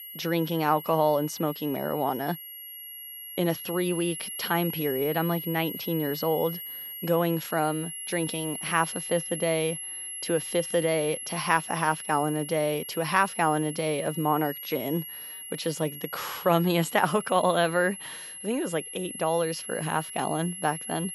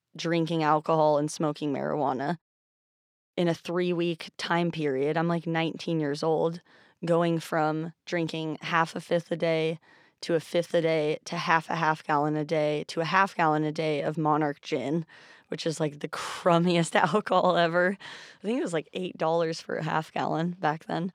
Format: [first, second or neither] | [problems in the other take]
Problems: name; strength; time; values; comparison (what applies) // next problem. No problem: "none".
second | high-pitched whine; loud; throughout; 11.5 kHz, 8 dB below the speech